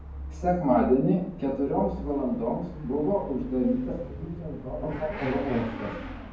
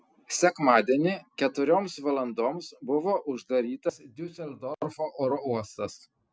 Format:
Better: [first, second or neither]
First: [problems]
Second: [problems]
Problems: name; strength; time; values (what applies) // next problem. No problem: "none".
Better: second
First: background sound (Motorcycle / Accelerating, revving, vroom); 11 dB below the speech // room echo; dies away in 0.9 s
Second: none